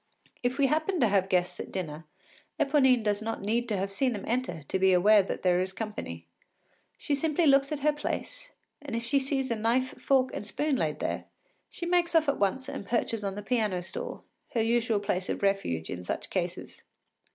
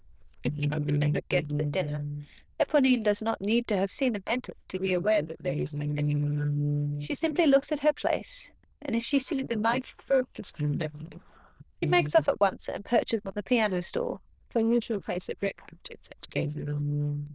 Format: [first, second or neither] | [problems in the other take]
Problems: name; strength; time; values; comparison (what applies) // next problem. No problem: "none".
first | noise reduction (neural diffusion model UNIVERSE++)